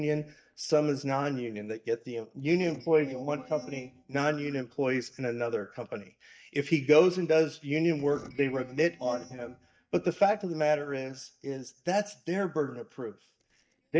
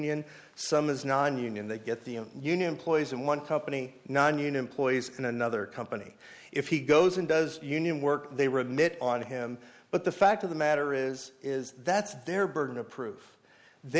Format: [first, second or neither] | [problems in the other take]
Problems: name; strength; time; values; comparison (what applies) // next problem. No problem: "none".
second | noise reduction (neural mask model DeepFilterNet 3)